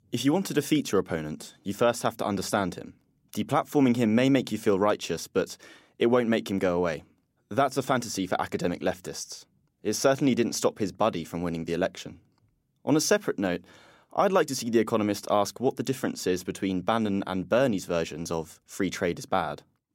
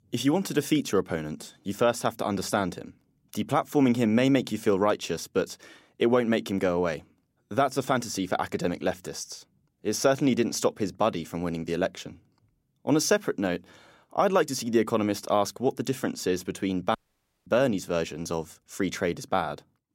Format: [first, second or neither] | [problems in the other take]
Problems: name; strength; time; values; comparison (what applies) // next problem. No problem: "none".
first | audio cutting out; at 17 s for 0.5 s